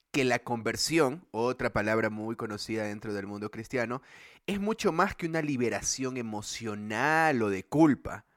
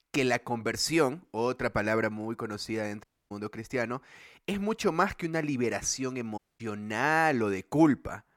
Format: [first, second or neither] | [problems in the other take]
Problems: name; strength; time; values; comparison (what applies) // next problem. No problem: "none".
first | audio cutting out; at 3 s and at 6.5 s